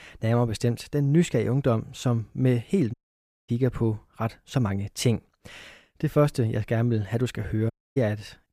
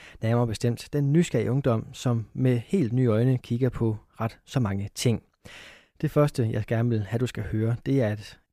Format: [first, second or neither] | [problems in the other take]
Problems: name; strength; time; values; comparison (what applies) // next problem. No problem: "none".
second | audio cutting out; at 3 s for 0.5 s and at 7.5 s